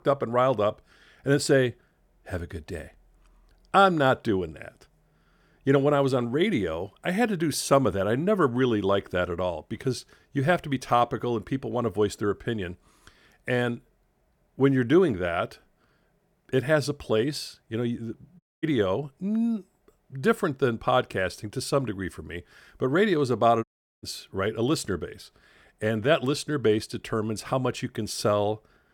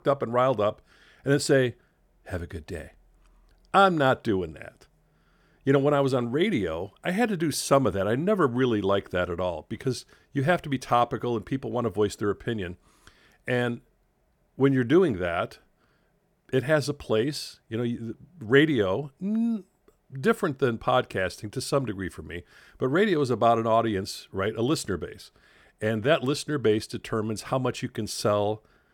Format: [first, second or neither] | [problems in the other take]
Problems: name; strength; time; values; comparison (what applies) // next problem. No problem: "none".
second | audio cutting out; at 18 s and at 24 s